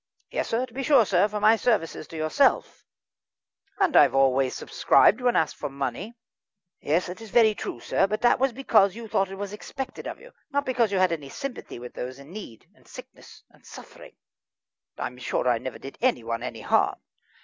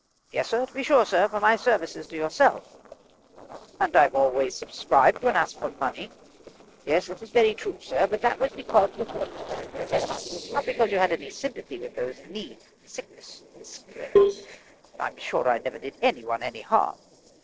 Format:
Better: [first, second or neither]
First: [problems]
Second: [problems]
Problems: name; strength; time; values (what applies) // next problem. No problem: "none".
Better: first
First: none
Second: noise reduction (neural separator model SepFormer DNS4)